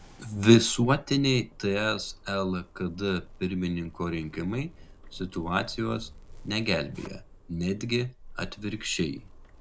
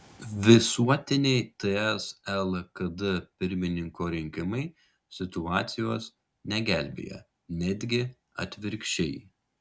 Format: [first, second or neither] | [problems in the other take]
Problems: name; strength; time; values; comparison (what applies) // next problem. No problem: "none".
second | background sound (Zipper (clothing)); 18 dB below the speech